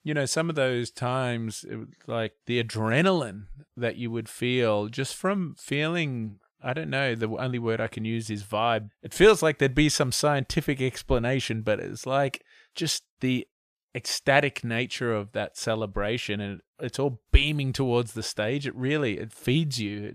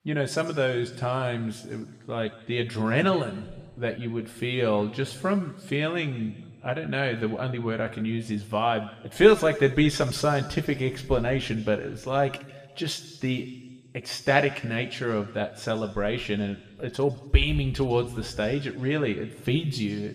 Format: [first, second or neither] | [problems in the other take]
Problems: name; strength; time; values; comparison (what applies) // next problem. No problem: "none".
first | room echo; slight; dies away in 1.4 s